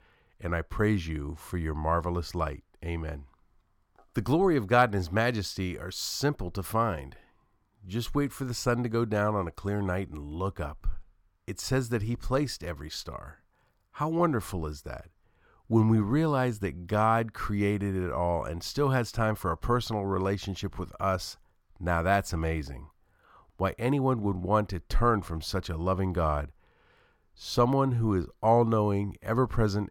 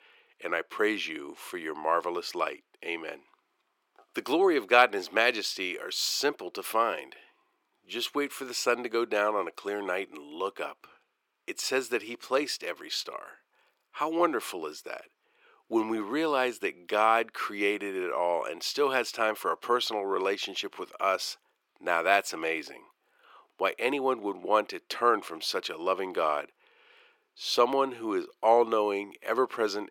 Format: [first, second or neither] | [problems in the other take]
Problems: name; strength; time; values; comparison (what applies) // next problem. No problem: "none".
first | thin; very; fading below 350 Hz